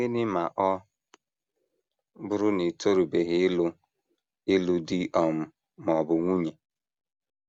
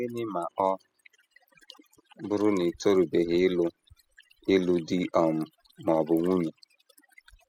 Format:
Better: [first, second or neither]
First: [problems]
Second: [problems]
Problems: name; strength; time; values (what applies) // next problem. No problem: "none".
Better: first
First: none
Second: noise reduction (classical method spectral subtraction)